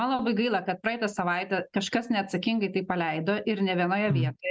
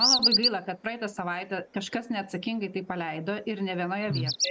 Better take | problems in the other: first | background sound (Bird vocalization, bird call, bird song); as loud as the speech

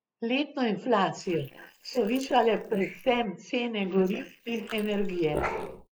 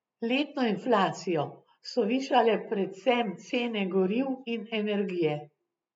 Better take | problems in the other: second | noise reduction (neural mask model Resemble Enhance denoiser)

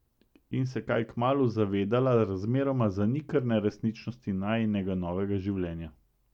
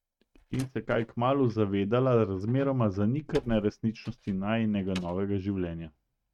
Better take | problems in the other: first | noise reduction (neural mask model RNNoise)

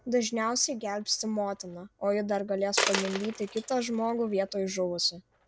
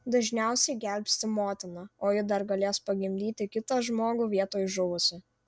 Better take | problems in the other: second | background sound (Coin (dropping)); 9 dB below the speech

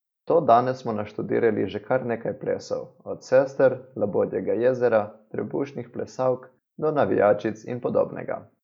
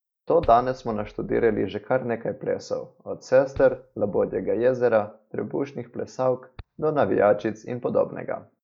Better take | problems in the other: first | noise reduction (neural mask model DeepFilterNet 3)

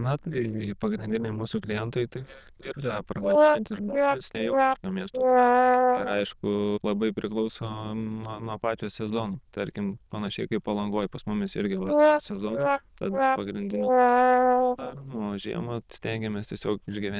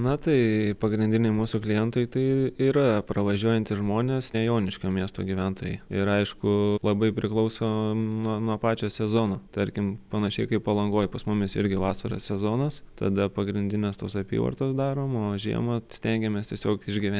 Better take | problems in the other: second | noise reduction (neural diffusion model UNIVERSE++)

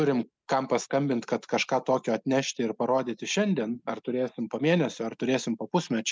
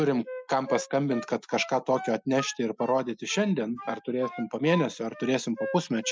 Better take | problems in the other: first | noise reduction (classical method Wiener filter)

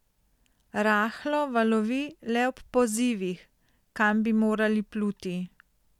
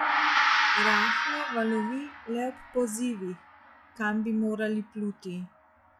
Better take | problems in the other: first | noise reduction (classical method log-MMSE)

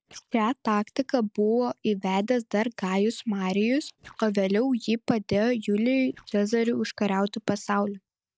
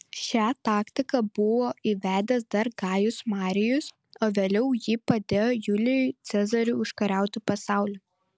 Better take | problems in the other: second | noise reduction (neural mask model DeepFilterNet 3)

